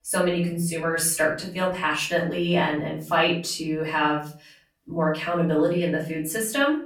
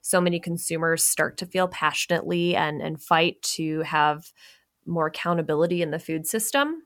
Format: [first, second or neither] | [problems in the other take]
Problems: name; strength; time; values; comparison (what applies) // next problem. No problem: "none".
second | off-mic speech; far // room echo; slight; dies away in 0.4 s